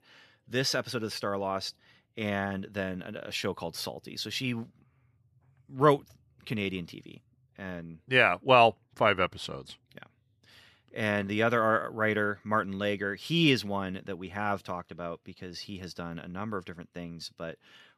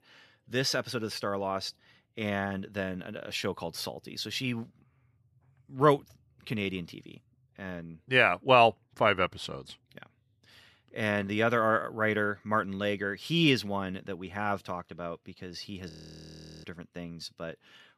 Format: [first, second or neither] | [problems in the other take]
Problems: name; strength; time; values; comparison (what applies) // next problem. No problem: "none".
first | audio freezing; at 16 s for 1 s